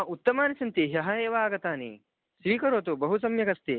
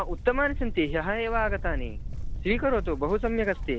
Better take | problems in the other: first | background sound (Livestock, farm animals, working animals); 4 dB below the speech

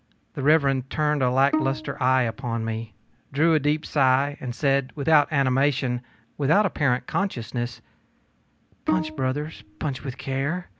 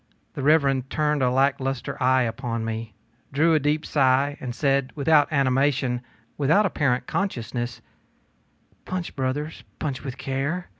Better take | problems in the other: second | background sound (Bowed string instrument); 8 dB below the speech

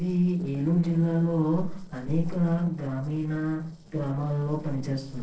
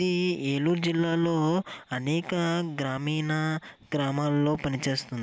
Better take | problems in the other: second | noise reduction (neural separator model SepFormer DNS4)

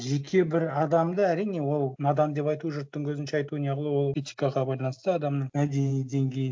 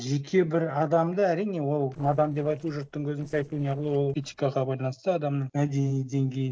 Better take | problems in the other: first | noise reduction (neural separator model SepFormer DNS4)

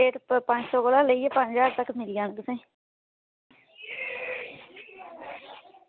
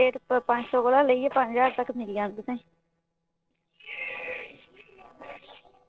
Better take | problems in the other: first | noise reduction (neural separator model SepFormer DNS4)

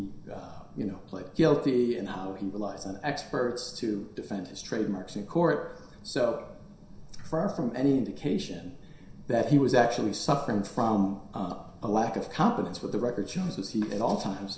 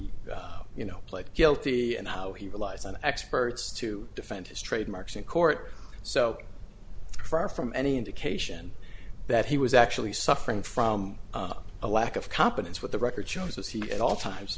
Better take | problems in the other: second | room echo; dies away in 0.7 s

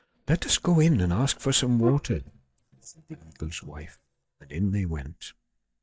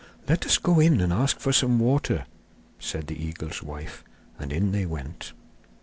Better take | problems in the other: second | noise reduction (neural mask model DeepFilterNet 3)

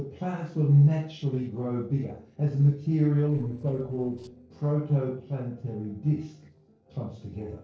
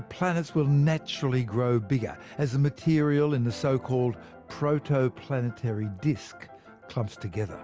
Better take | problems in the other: second | noise reduction (neural separator model SepFormer DNS4)

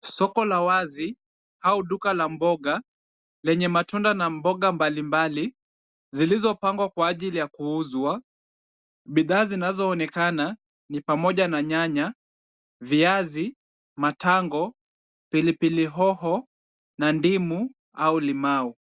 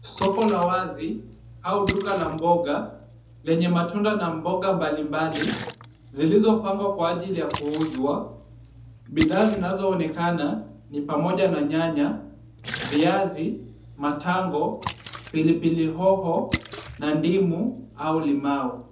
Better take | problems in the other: first | background sound (Splash, splatter); 14 dB below the speech // room echo; dies away in 0.7 s

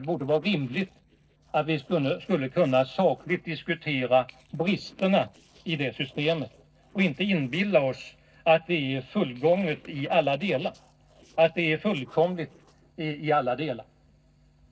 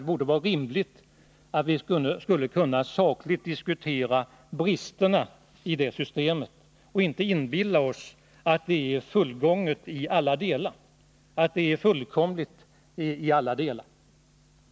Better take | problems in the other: second | noise reduction (neural separator model SepFormer DNS4)

